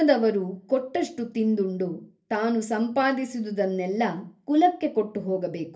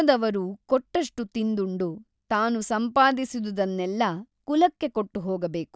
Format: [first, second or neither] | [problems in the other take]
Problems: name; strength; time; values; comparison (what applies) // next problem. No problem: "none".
second | room echo; dies away in 0.3 s